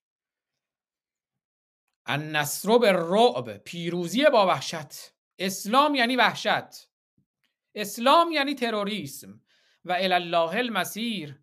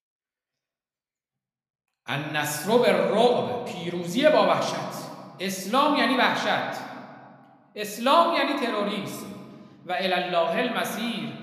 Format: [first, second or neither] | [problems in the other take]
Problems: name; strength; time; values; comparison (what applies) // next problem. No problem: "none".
first | room echo; slight; dies away in 1.5 s